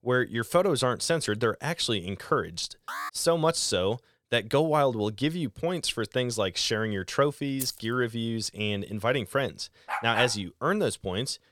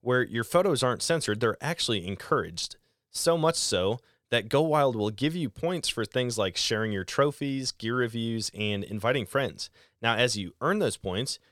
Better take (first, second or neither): second